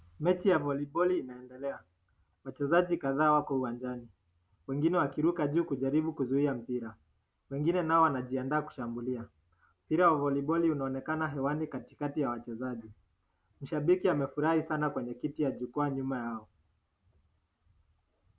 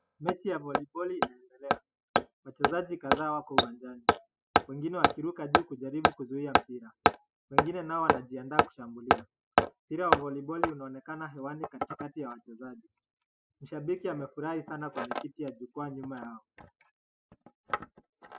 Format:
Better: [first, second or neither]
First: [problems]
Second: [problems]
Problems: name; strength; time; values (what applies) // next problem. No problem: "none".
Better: first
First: none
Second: noise reduction (classical method spectral subtraction)